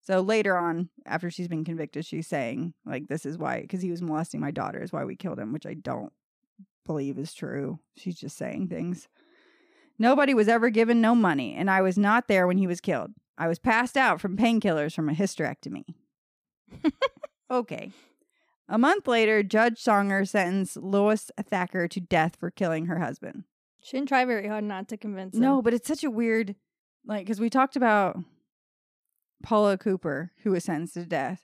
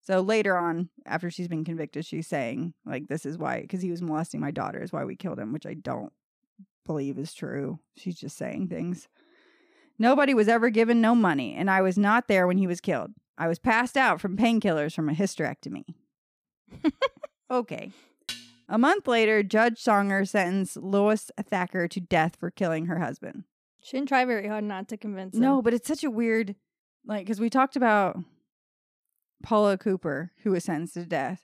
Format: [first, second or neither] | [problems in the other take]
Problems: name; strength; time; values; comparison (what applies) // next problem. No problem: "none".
first | clattering dishes; faint; at 18 s; peak 10 dB below the speech